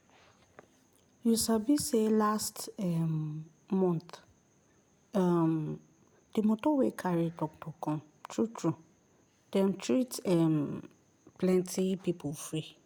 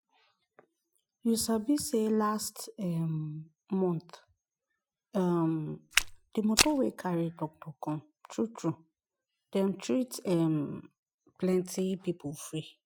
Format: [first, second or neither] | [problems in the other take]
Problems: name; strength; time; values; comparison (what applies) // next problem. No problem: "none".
first | noise reduction (classical method Wiener filter)